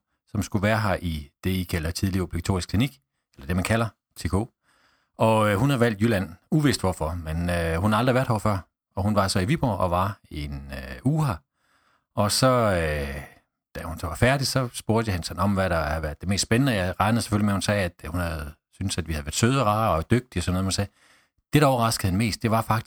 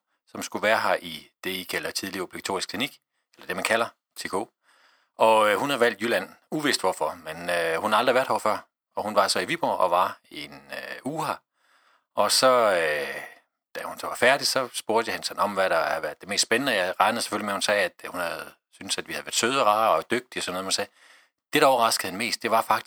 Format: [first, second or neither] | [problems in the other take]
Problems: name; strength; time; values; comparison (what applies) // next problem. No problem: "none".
first | thin; very; fading below 450 Hz